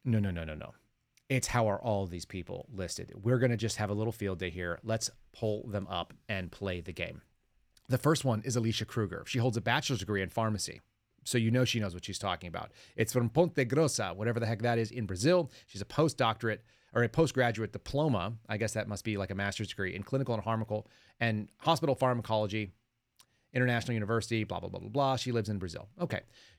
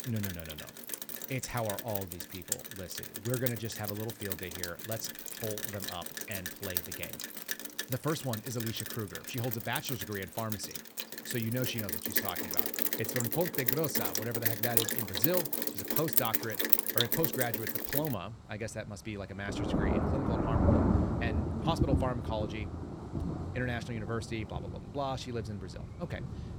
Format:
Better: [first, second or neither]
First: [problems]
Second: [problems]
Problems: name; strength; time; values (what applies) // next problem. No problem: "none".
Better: first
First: none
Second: rain or running water; very loud; throughout; 5 dB above the speech